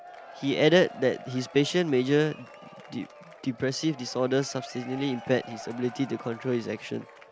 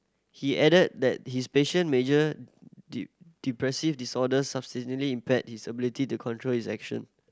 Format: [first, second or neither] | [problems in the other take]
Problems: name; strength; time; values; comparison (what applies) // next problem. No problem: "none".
second | background sound (Applause / Crowd / Cheering); 17 dB below the speech